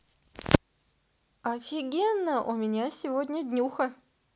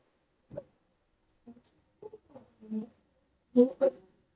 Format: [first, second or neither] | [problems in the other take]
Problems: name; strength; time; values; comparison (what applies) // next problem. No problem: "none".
first | noise reduction (neural mask model DeepFilterNet 3)